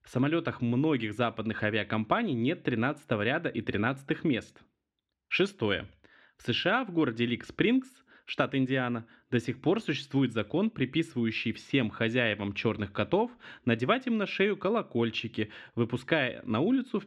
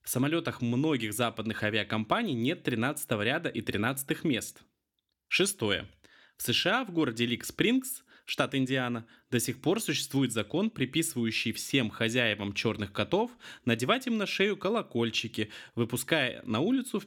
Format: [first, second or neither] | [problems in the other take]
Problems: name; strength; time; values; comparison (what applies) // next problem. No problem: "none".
second | muffled; slightly; fading above 2.5 kHz